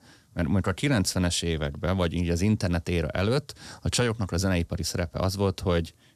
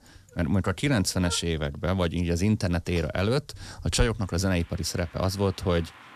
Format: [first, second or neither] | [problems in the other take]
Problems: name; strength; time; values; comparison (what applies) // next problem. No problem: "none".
first | traffic noise; noticeable; throughout; 15 dB below the speech